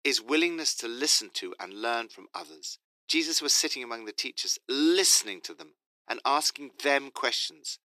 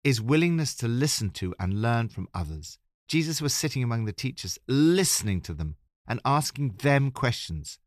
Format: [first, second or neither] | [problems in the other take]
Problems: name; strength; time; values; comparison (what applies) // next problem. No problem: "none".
second | thin; very; fading below 300 Hz